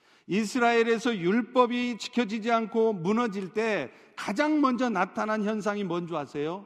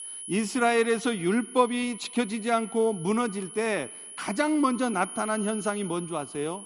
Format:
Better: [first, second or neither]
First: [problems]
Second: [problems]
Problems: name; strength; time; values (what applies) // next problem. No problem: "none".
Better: first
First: none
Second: high-pitched whine; noticeable; throughout; 10.5 kHz, 10 dB below the speech